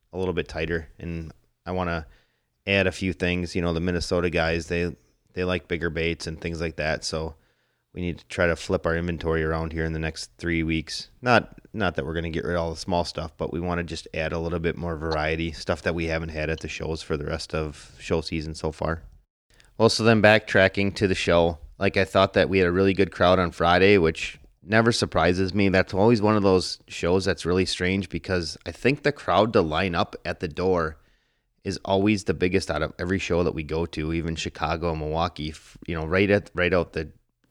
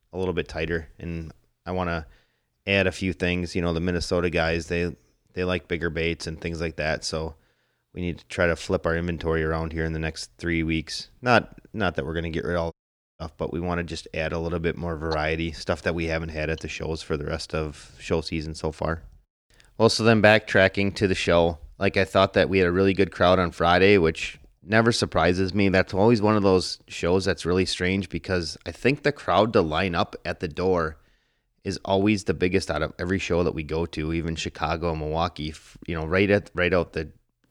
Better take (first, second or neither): first